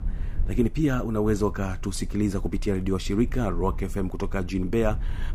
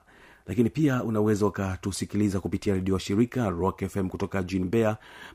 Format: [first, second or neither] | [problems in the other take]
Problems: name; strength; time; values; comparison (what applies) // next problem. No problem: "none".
second | low rumble; faint; throughout; 25 dB below the speech